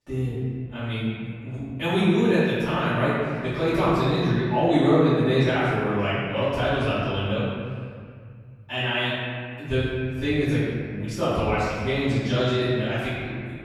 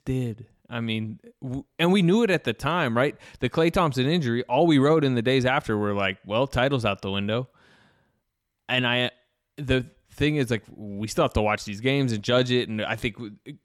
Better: second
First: room echo; strong; dies away in 2.3 s // off-mic speech; far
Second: none

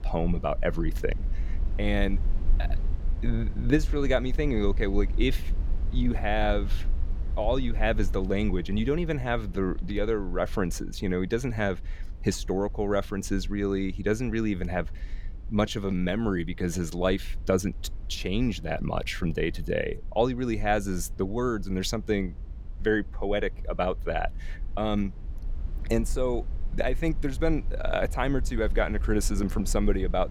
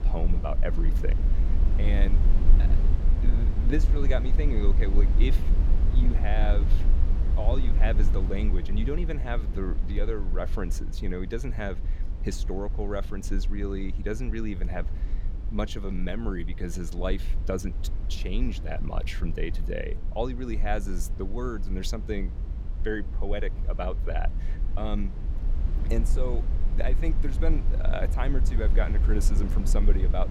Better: first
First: low rumble; faint; throughout; 20 dB below the speech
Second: low rumble; loud; throughout; 10 dB below the speech

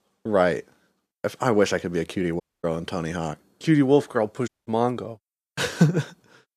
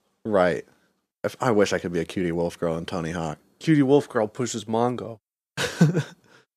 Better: second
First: audio cutting out; at 2.5 s and at 4.5 s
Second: none

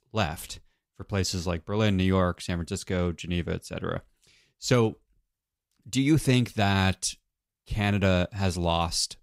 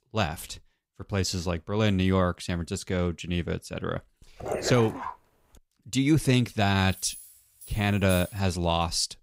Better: first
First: none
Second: dog barking; noticeable; at 4.5 s; peak 4 dB below the speech // jangling keys; faint; from 7 to 8.5 s; peak 10 dB below the speech

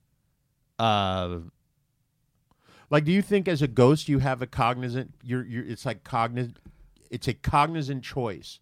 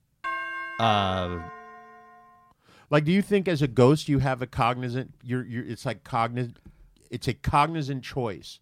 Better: first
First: none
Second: doorbell; noticeable; until 2 s; peak 5 dB below the speech

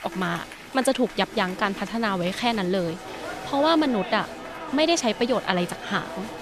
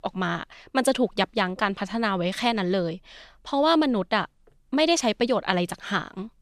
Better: second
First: crowd noise; noticeable; throughout; 10 dB below the speech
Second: none

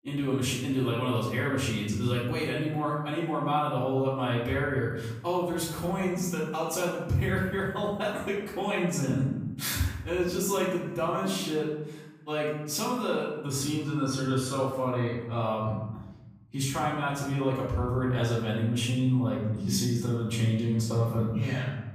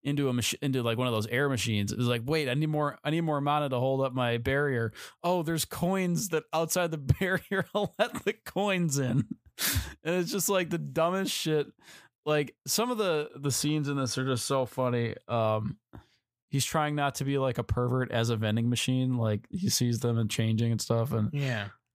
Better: second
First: off-mic speech; far // room echo; noticeable; dies away in 0.9 s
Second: none

